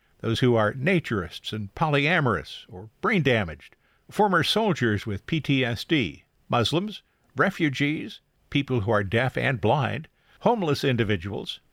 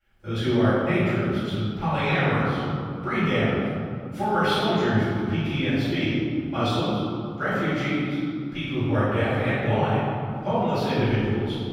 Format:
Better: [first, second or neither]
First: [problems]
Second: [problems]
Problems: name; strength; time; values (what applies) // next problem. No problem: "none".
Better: first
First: none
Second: off-mic speech; far // room echo; strong; dies away in 2.7 s